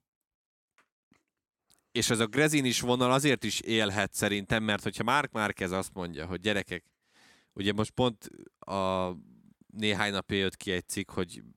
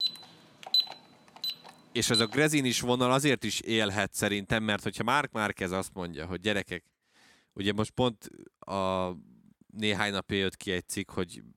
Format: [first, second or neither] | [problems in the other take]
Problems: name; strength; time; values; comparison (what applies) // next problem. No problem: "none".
first | alarm; loud; until 2.5 s; peak 3 dB above the speech